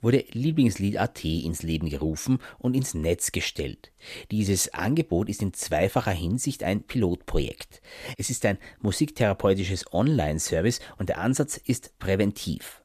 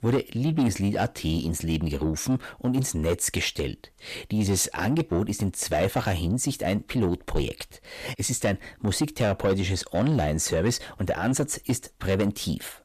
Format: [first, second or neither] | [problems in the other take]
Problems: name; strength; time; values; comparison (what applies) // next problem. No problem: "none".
first | distortion; slight; 10 dB below the speech